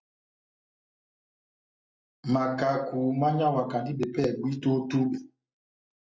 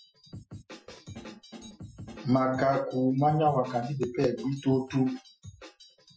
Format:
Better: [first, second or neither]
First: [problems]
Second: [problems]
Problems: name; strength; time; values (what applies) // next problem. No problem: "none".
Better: first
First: none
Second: noise reduction (classical method Wiener filter)